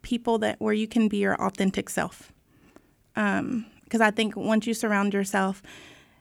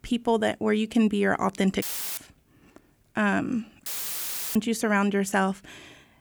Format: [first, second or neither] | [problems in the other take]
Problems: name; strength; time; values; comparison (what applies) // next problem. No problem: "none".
first | audio cutting out; filled with static; at 2 s and at 4 s for 0.5 s